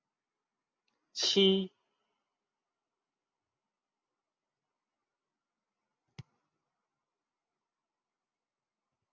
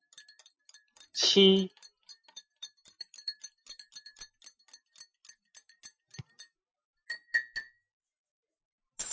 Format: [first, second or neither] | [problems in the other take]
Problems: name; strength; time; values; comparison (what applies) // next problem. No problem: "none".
first | noise reduction (classical method Wiener filter)